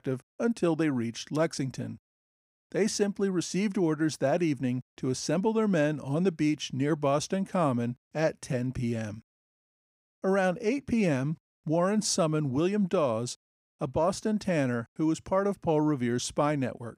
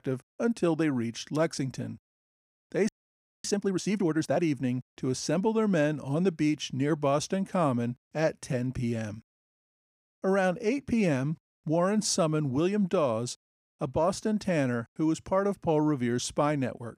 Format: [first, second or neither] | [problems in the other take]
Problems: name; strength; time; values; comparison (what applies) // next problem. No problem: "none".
first | audio freezing; at 3 s for 0.5 s